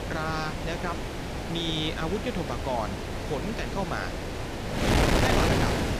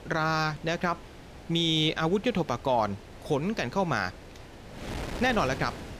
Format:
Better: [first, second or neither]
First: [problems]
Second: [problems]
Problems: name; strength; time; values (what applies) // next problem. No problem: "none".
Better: second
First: wind noise on the microphone; heavy; 1 dB above the speech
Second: wind noise on the microphone; occasional gusts; 15 dB below the speech